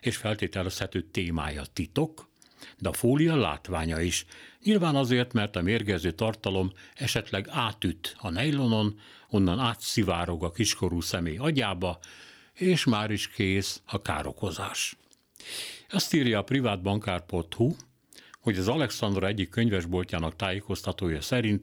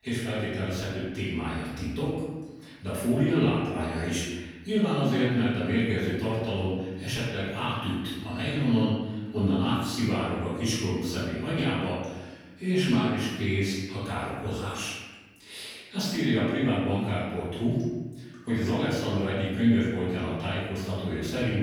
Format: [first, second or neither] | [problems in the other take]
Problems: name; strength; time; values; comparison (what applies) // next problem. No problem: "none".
first | off-mic speech; far // room echo; strong; dies away in 1.2 s